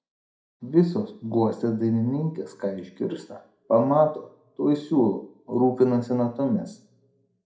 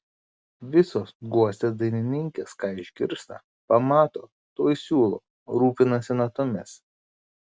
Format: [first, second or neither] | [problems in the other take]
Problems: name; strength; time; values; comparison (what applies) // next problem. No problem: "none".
second | room echo; dies away in 0.4 s